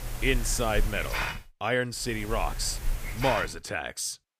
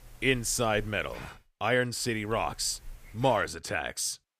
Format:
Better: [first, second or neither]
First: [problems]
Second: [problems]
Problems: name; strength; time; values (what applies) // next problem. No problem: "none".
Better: second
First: hiss; loud; until 1.5 s and from 2 to 3.5 s; 4 dB below the speech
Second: hiss; faint; until 1.5 s and from 2 to 3.5 s; 20 dB below the speech